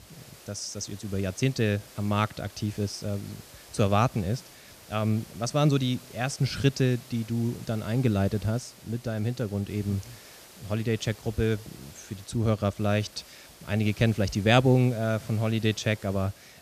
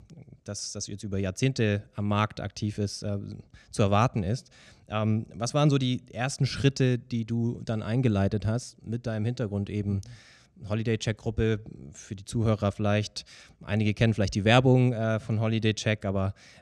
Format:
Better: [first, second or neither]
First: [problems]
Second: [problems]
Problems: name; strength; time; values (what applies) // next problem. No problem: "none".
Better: second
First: hiss; faint; throughout; 20 dB below the speech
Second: none